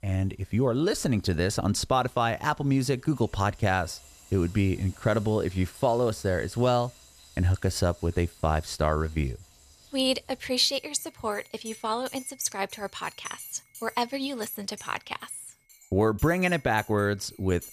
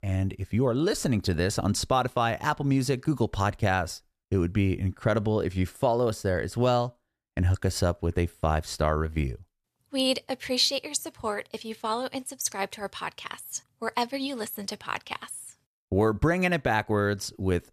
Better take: second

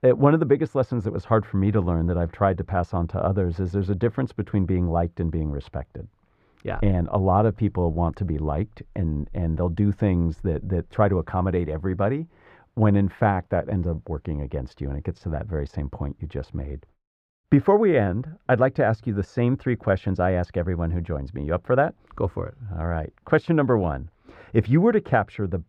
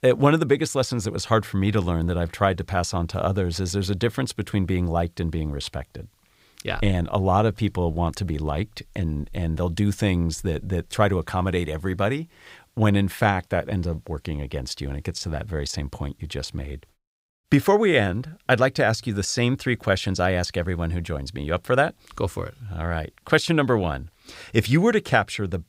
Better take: second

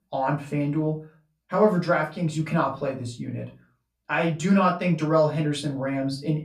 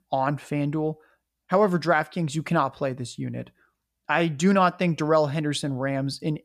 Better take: second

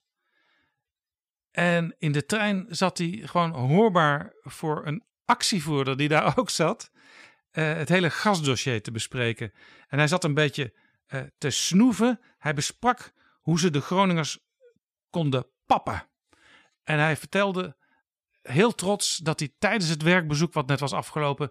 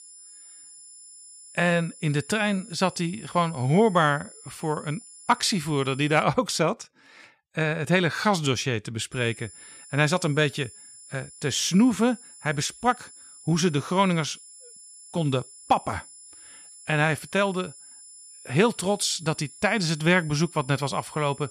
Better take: first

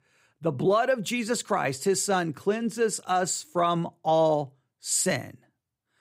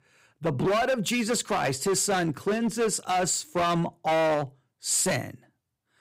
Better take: first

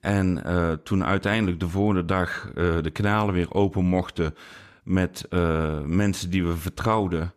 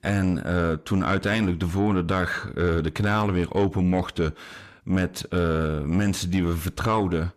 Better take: first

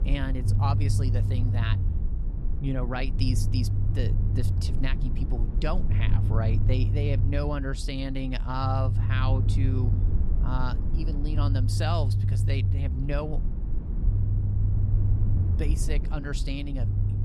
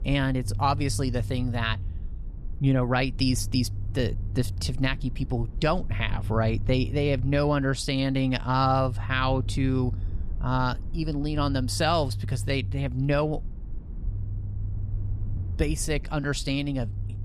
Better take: second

